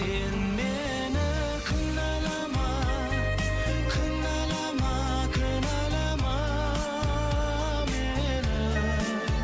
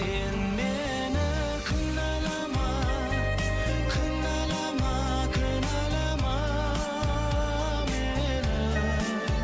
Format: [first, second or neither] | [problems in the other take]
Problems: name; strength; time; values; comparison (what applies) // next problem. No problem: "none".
first | background sound (Wind instrument, woodwind instrument); 14 dB below the speech